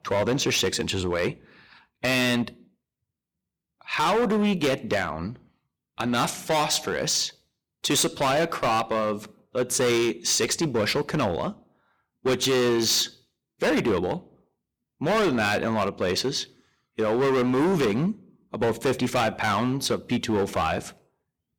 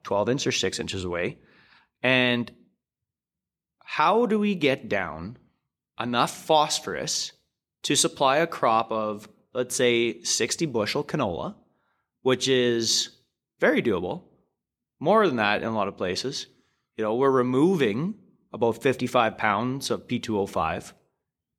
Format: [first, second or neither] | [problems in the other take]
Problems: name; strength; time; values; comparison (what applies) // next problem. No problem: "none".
second | distortion; heavy; 13% of the sound clipped